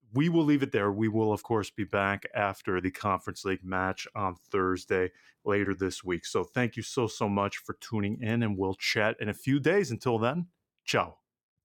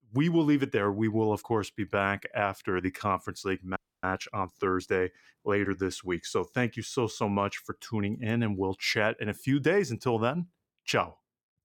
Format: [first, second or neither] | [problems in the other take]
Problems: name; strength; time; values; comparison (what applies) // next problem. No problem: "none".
first | audio freezing; at 4 s